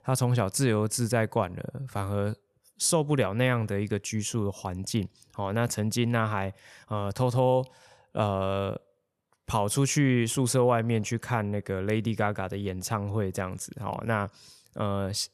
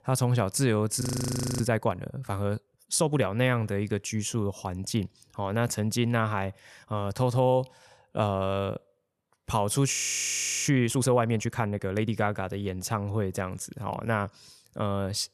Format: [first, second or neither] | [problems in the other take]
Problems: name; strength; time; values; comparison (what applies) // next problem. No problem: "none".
first | audio freezing; at 1 s for 0.5 s and at 10 s for 0.5 s